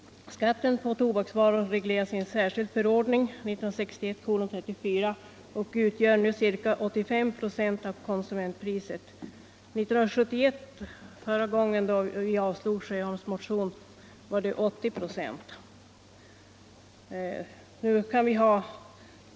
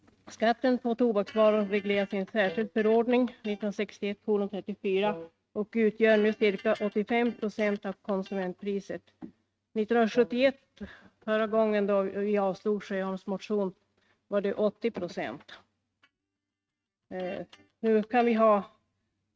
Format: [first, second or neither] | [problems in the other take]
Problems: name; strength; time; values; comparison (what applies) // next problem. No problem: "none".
first | noise reduction (neural mask model RNNoise)